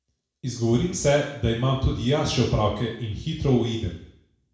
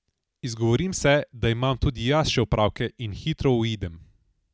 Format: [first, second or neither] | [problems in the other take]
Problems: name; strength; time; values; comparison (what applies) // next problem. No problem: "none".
second | room echo; dies away in 0.6 s